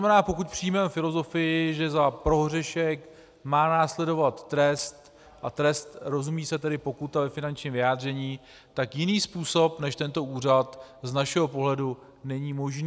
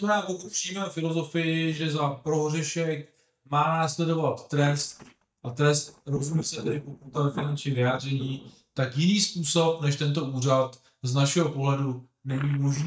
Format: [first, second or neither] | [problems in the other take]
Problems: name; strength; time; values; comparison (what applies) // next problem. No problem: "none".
first | noise reduction (neural mask model DeepFilterNet 3)